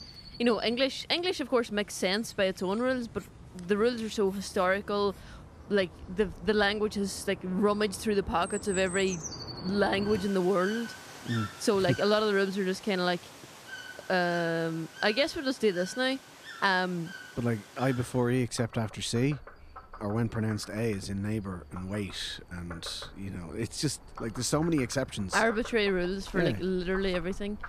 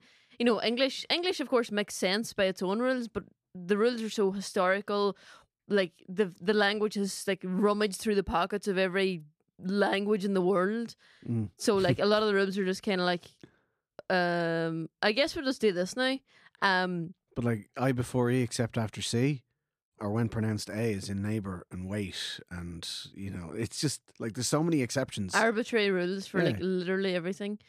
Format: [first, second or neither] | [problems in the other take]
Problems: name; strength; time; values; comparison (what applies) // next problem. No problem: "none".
second | animal sounds; noticeable; throughout; 15 dB below the speech